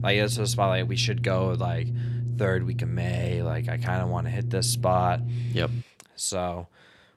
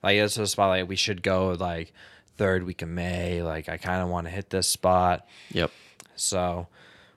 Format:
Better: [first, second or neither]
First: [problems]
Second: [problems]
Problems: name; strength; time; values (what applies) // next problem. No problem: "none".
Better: second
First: low rumble; noticeable; until 6 s; 15 dB below the speech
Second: none